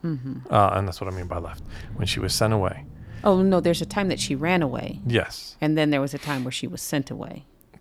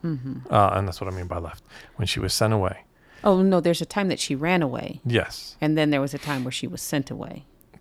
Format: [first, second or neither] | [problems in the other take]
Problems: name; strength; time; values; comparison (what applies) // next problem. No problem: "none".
second | low rumble; faint; from 1 to 5 s; 25 dB below the speech